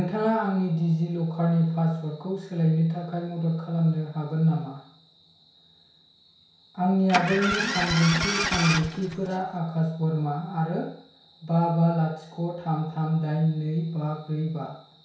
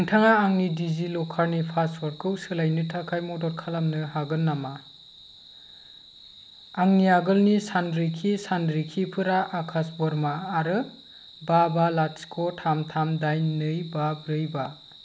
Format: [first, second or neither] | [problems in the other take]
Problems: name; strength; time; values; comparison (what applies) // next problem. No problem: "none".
second | background sound (Engine starting); 2 dB below the speech // room echo; dies away in 0.6 s